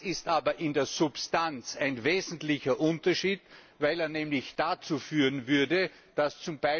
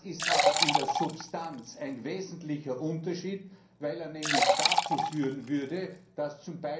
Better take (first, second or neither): first